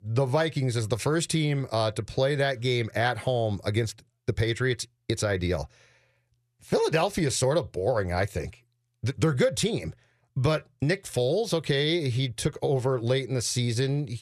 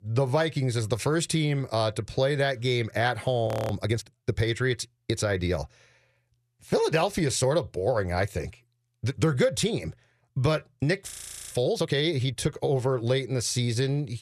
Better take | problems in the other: first | audio freezing; at 3.5 s and at 11 s

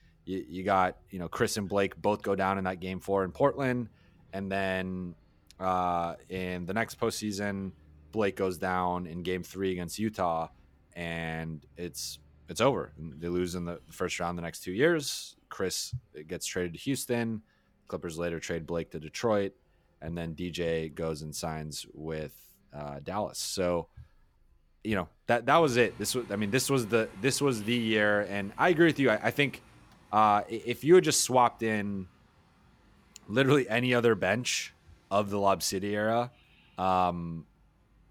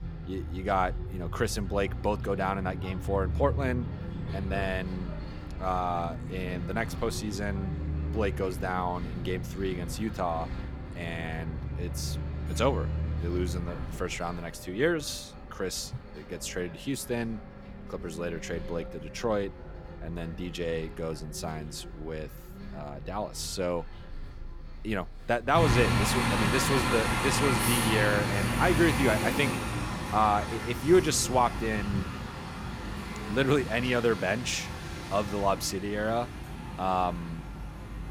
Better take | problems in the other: first | traffic noise; loud; throughout; 3 dB below the speech; faint in the first

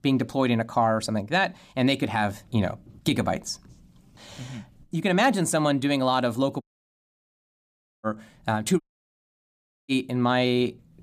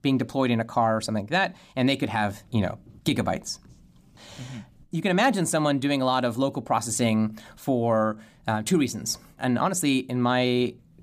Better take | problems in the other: second | audio cutting out; at 6.5 s for 1.5 s and at 9 s for 1 s

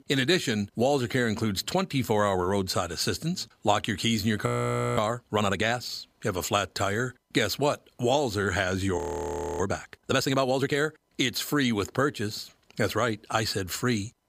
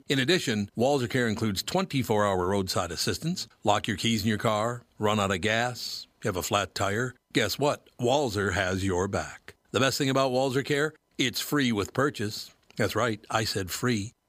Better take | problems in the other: second | audio freezing; at 4.5 s for 0.5 s and at 9 s for 0.5 s

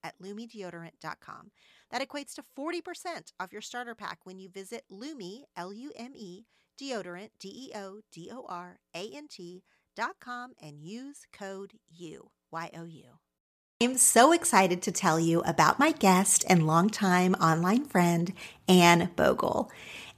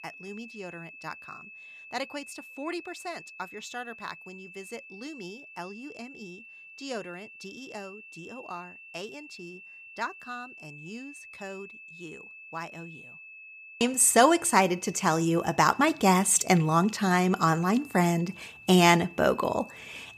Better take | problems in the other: first | high-pitched whine; faint; throughout; 2.5 kHz, 20 dB below the speech

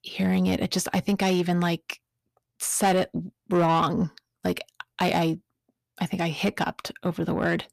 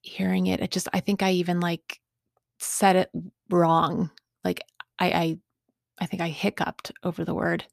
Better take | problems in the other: second | distortion; slight; 10 dB below the speech

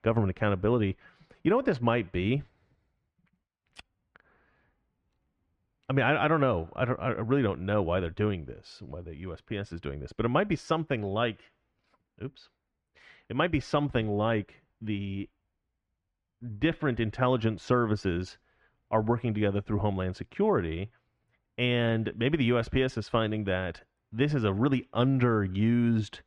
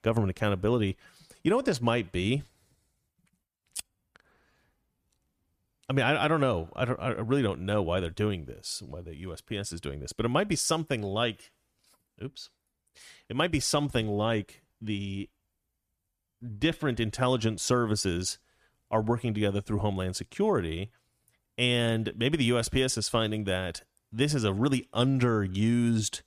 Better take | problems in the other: second | muffled; very; fading above 2 kHz

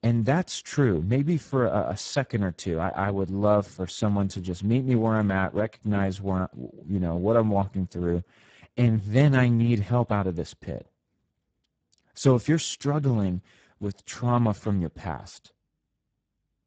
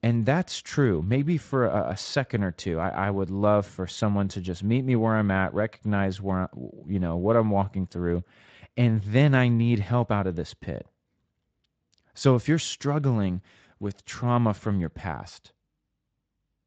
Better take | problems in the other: second | garbled, watery; badly; nothing above 7.5 kHz; slightly in the second

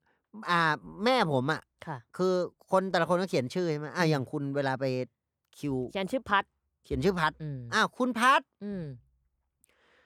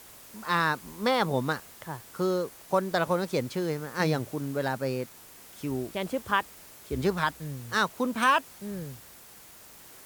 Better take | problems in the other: first | hiss; noticeable; throughout; 20 dB below the speech

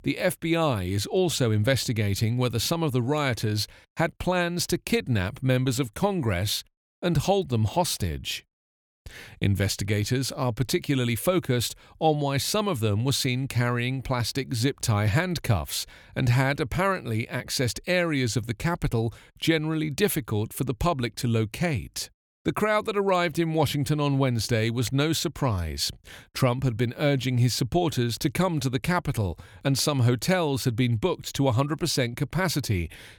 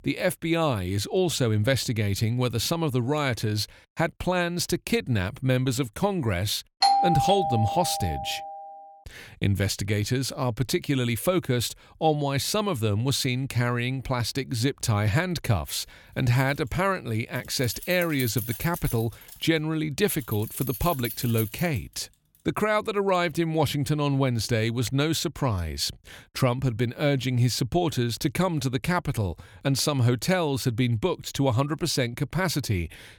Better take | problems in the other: first | doorbell; loud; from 7 to 8.5 s; peak 5 dB above the speech // jangling keys; noticeable; from 16 to 22 s; peak 7 dB below the speech

